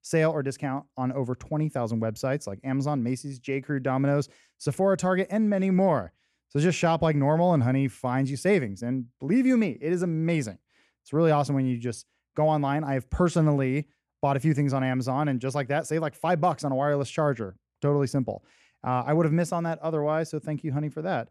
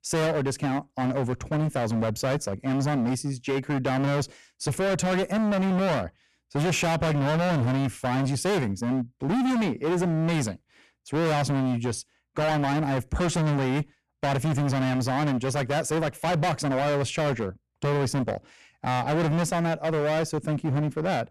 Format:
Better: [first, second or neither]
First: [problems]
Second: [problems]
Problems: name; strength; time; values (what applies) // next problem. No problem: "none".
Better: first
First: none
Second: distortion; heavy; 34% of the sound clipped